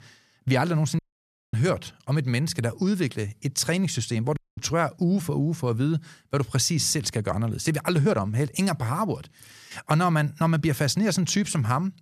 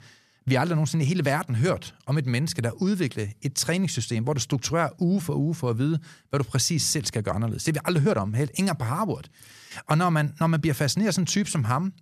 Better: second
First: audio cutting out; at 1 s for 0.5 s and at 4.5 s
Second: none

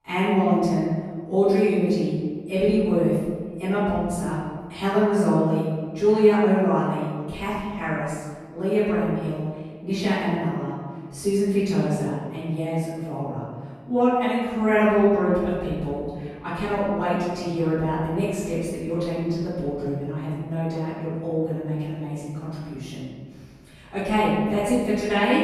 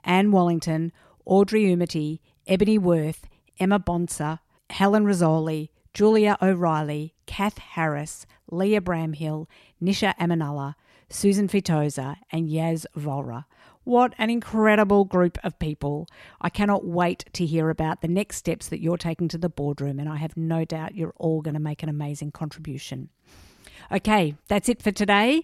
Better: second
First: off-mic speech; far // room echo; strong; dies away in 1.5 s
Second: none

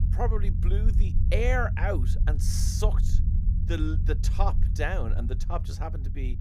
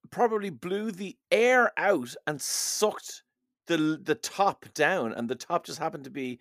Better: second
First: low rumble; noticeable; throughout; 10 dB below the speech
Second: none

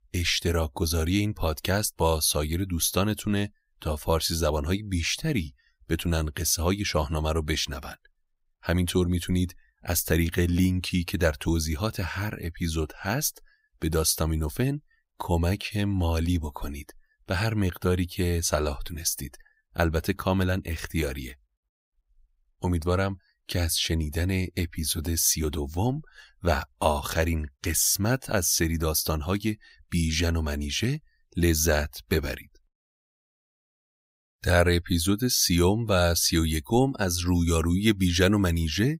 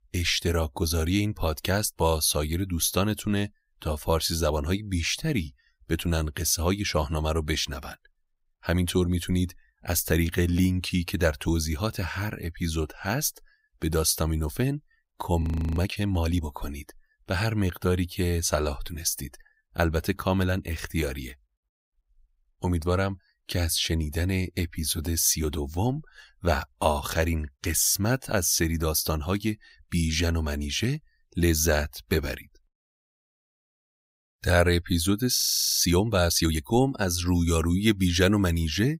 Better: first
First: none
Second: audio freezing; at 15 s and at 35 s

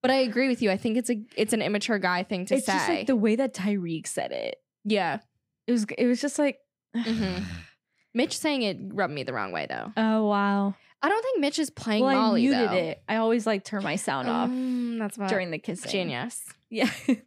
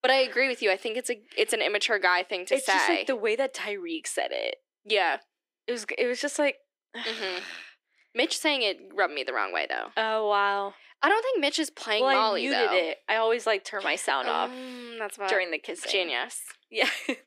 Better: first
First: none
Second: thin; very; fading below 350 Hz

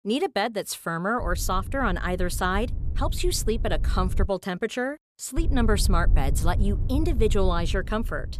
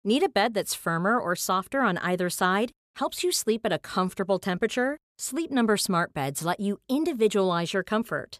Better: second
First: low rumble; noticeable; from 1 to 4.5 s and from 5.5 s on; 20 dB below the speech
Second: none

